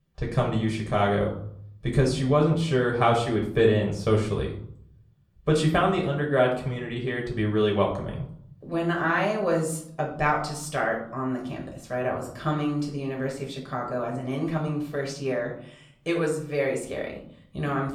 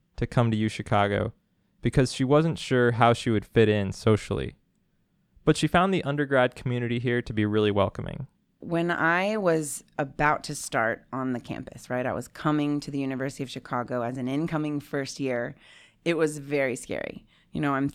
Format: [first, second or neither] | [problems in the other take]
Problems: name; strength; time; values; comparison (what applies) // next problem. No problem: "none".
second | off-mic speech; far // room echo; slight; dies away in 0.5 s